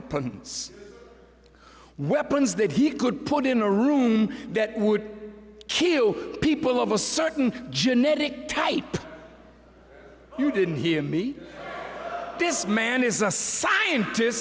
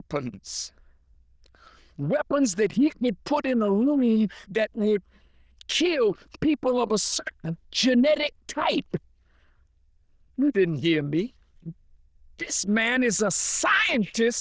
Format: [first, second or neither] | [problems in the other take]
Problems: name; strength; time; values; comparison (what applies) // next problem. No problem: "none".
first | noise reduction (neural diffusion model UNIVERSE++)